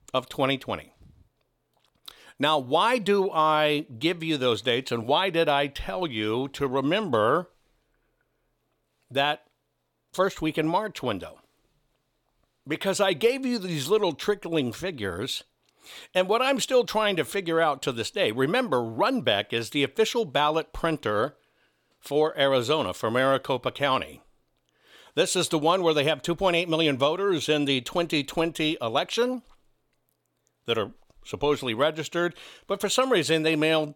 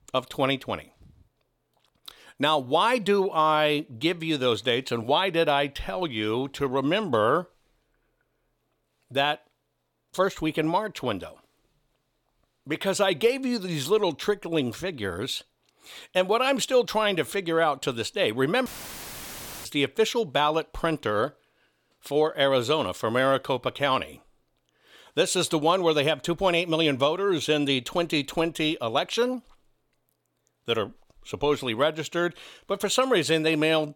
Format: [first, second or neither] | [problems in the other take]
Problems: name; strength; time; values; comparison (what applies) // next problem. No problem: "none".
first | audio cutting out; filled with static; at 19 s for 1 s